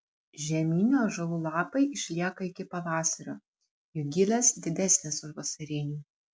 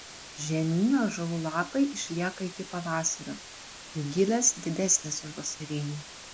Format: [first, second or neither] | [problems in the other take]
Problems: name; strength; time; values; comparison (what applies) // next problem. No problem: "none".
first | background sound (Water); 15 dB below the speech